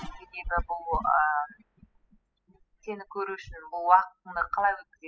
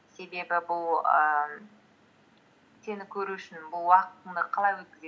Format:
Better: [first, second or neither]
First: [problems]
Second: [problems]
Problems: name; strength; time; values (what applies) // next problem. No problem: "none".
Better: second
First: noise reduction (classical method spectral subtraction)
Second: none